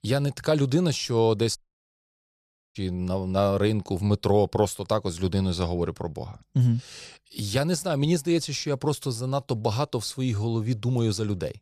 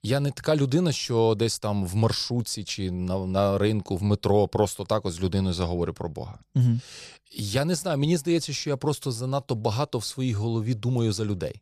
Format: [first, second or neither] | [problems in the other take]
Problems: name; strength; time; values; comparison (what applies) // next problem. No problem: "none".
second | audio cutting out; at 1.5 s for 1 s